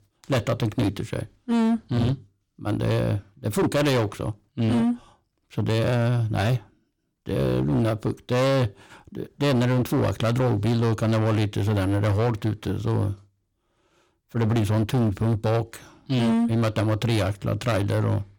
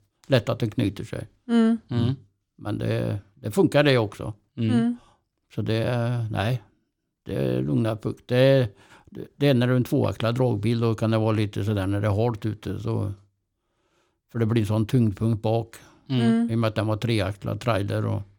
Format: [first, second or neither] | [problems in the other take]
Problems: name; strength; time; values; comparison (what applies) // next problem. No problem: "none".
second | distortion; heavy; 16% of the sound clipped